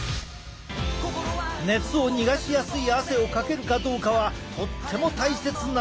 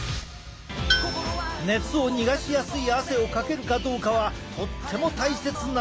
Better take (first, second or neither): first